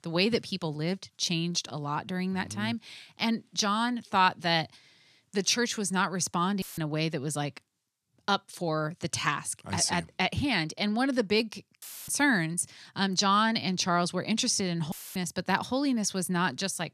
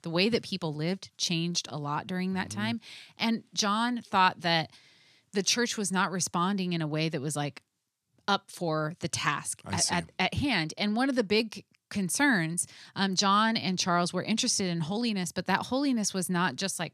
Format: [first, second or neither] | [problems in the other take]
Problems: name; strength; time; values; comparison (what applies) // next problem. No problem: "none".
second | audio cutting out; filled with static; at 6.5 s, at 12 s and at 15 s